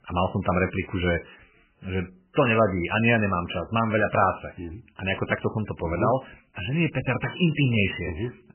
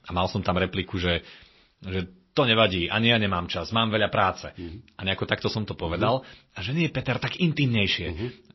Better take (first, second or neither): second